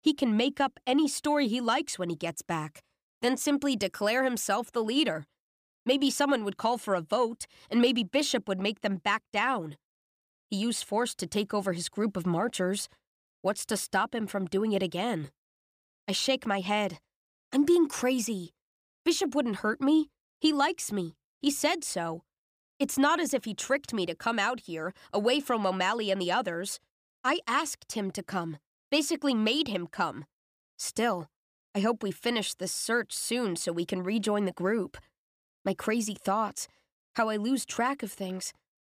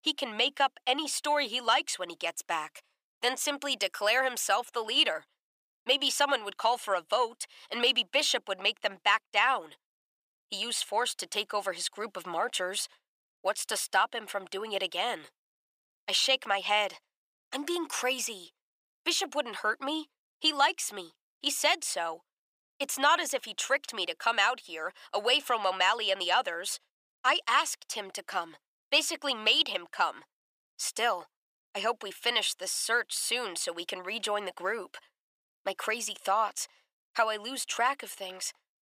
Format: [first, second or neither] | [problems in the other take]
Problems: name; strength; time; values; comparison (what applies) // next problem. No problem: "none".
first | thin; very; fading below 750 Hz